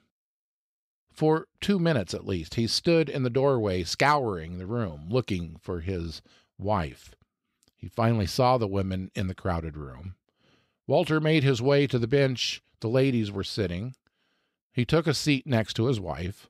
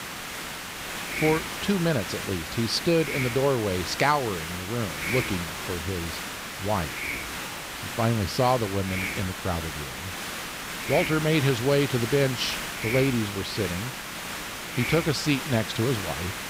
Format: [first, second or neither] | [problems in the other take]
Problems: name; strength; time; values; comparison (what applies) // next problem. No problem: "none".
first | hiss; loud; throughout; 5 dB below the speech